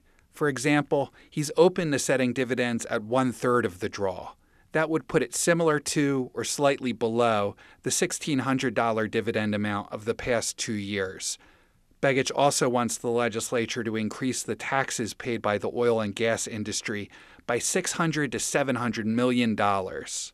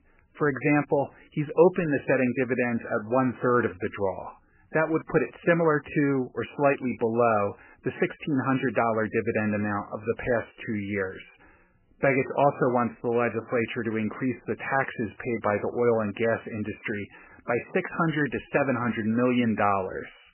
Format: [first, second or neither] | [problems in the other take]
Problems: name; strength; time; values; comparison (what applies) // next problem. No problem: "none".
first | garbled, watery; badly; nothing above 2.5 kHz